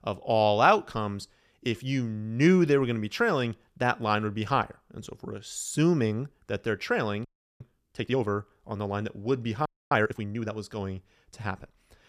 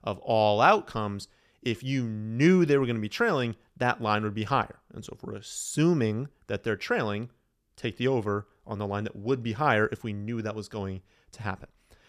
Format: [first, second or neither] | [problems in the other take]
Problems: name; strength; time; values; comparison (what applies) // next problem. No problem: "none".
second | audio freezing; at 7.5 s and at 9.5 s